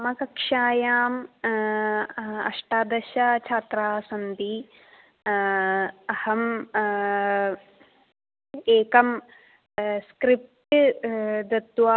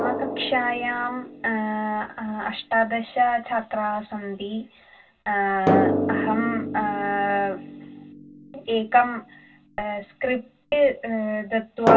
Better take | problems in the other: first | background sound (Drum); 4 dB below the speech // room echo; dies away in 0.1 s

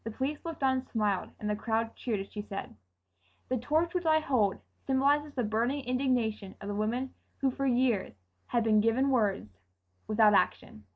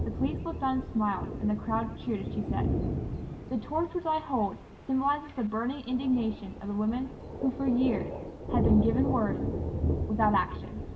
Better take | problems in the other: first | background sound (Thunder); 3 dB below the speech // room echo; dies away in 2.4 s

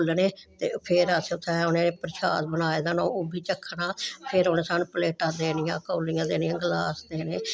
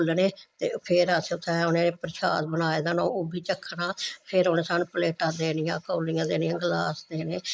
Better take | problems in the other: first | noise reduction (neural mask model Resemble Enhance denoiser)

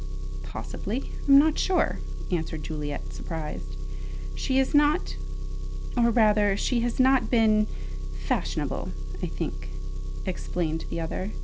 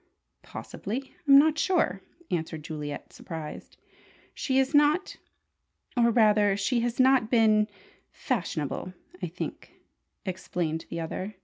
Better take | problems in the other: second | background sound (Engine); 1 dB below the speech

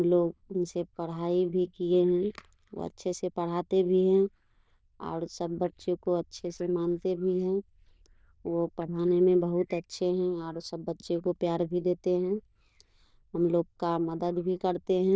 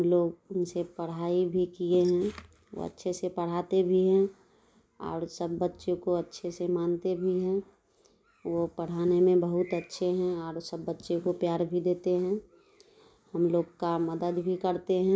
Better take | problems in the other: second | noise reduction (neural diffusion model UNIVERSE++)

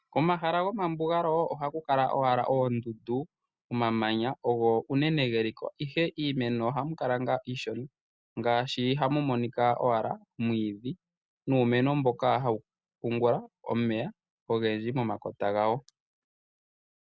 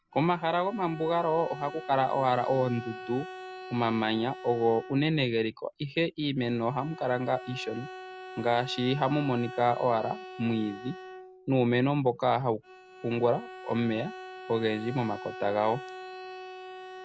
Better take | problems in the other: first | background sound (Bowed string instrument); 14 dB below the speech

